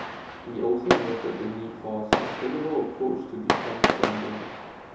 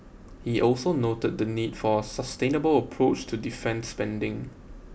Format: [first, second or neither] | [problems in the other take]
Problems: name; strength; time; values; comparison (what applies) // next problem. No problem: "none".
second | background sound (Fireworks); 1 dB above the speech // room echo; dies away in 2.8 s